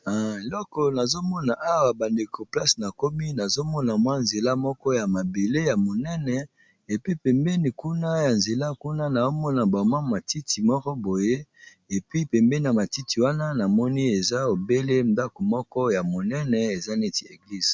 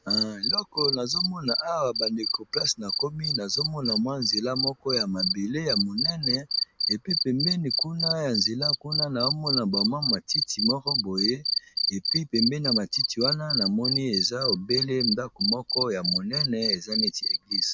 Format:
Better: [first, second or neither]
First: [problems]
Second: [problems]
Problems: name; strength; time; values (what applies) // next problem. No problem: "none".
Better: first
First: none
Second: background sound (Cricket); 1 dB above the speech